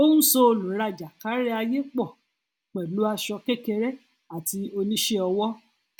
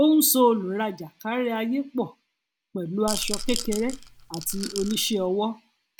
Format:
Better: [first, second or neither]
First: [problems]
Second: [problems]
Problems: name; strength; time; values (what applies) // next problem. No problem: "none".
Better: first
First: none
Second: background sound (Rattle / Rattle (instrument)); 7 dB below the speech